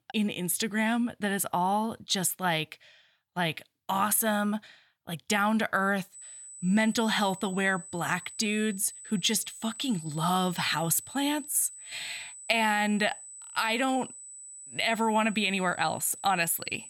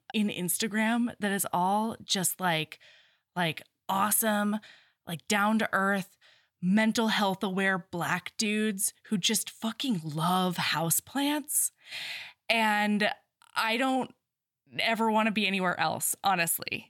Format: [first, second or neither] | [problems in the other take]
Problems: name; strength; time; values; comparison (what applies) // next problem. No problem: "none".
second | high-pitched whine; noticeable; from 6 s on; 8 kHz, 15 dB below the speech